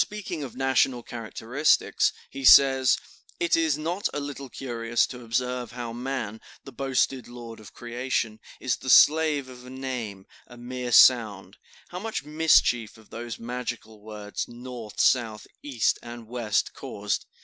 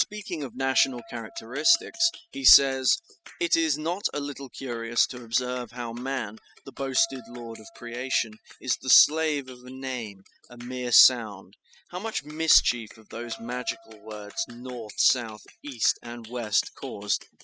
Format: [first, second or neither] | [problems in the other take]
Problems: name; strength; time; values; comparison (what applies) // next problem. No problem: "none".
first | noise reduction (classical method spectral subtraction)